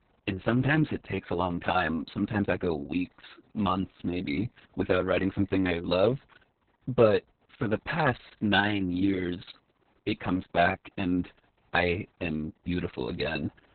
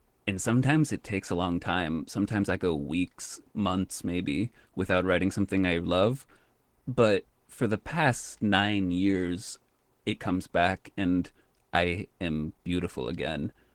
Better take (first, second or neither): second